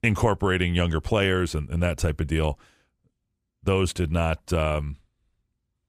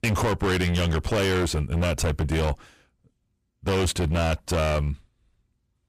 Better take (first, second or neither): first